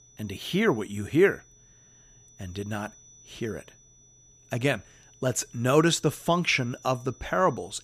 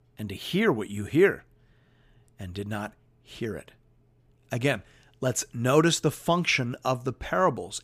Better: second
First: high-pitched whine; faint; throughout; 6 kHz, 25 dB below the speech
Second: none

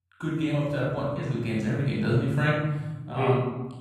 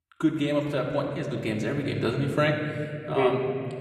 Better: second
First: room echo; strong; dies away in 1.5 s // off-mic speech; far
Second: room echo; slight; dies away in 2.1 s // off-mic speech; somewhat distant

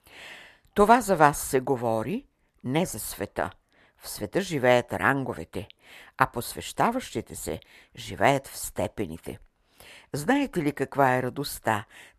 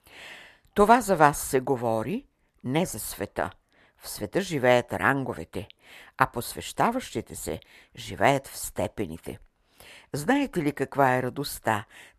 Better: neither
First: none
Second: none

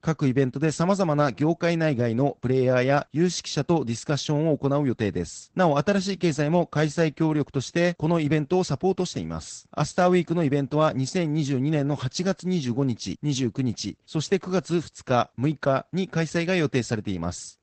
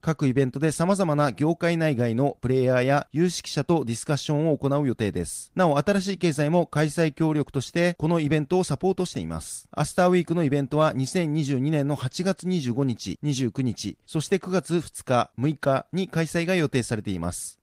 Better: second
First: garbled, watery; badly; nothing above 8 kHz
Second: garbled, watery; slightly; nothing above 15.5 kHz

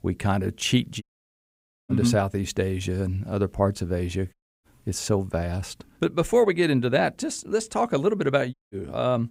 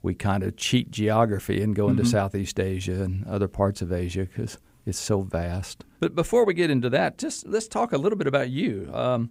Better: second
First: audio cutting out; at 1 s for 1 s, at 4.5 s and at 8.5 s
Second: none

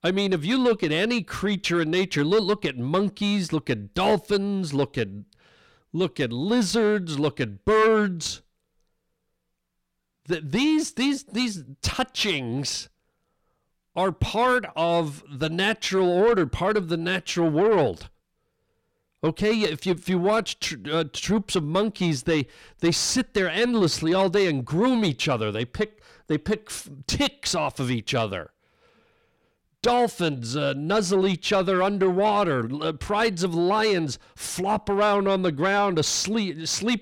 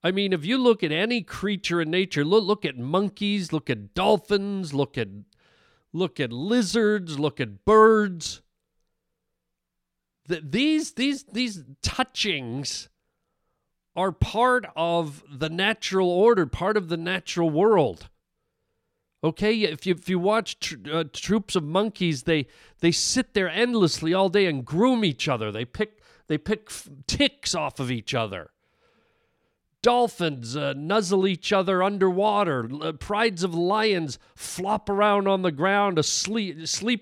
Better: second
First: distortion; slight; 10 dB below the speech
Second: none

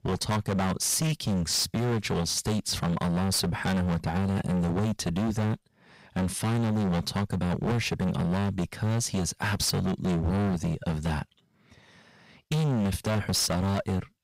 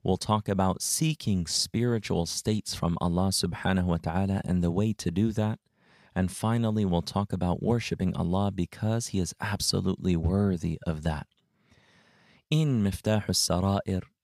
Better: second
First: distortion; heavy; 26% of the sound clipped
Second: none

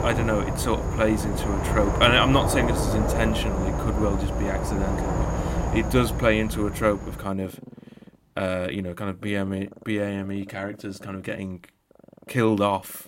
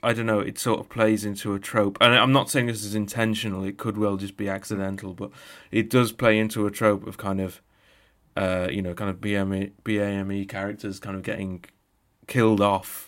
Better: second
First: animal sounds; loud; throughout; 2 dB below the speech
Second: none

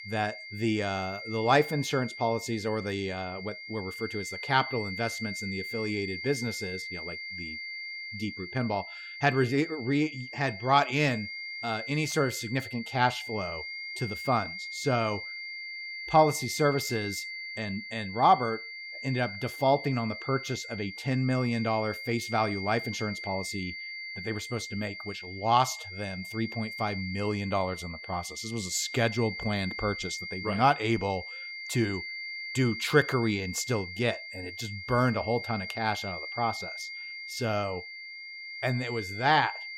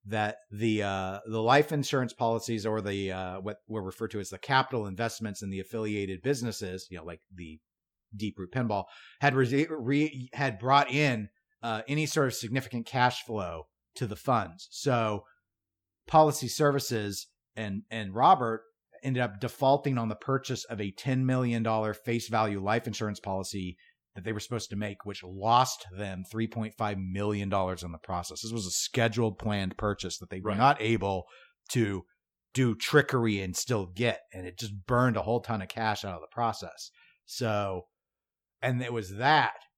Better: second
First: high-pitched whine; loud; throughout; 2 kHz, 8 dB below the speech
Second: none

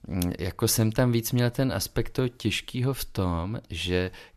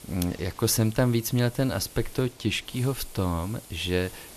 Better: first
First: none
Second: hiss; noticeable; throughout; 20 dB below the speech

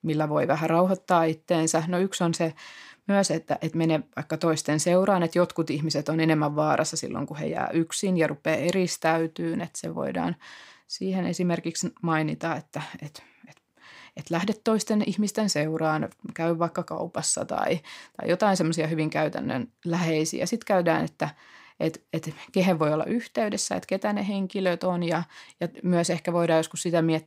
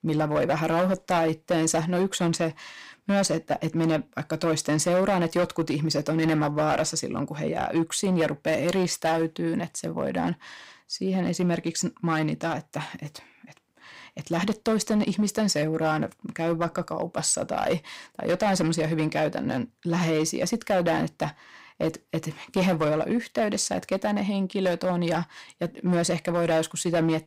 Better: first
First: none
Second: distortion; slight; 6% of the sound clipped

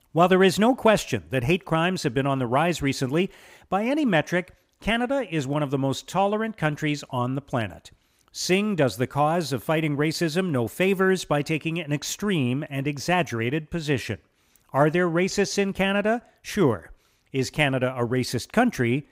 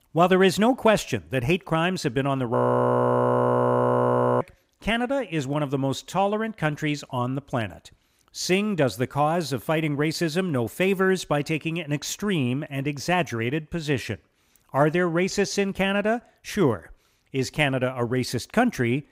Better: first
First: none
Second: audio freezing; at 2.5 s for 2 s

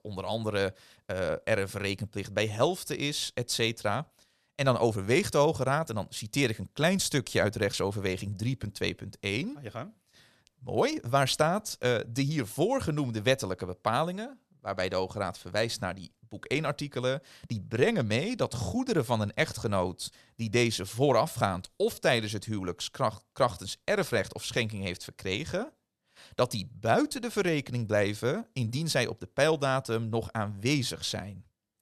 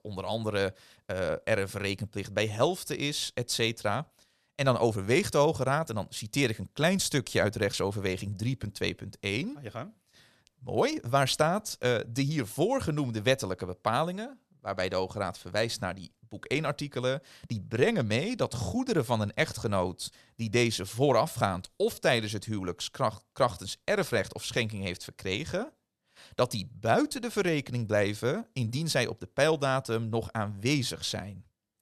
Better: neither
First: none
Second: none

